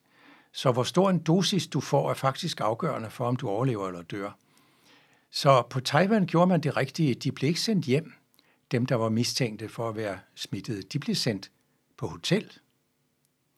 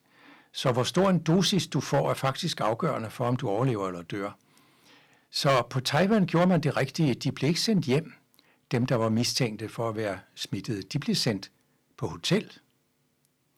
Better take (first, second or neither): first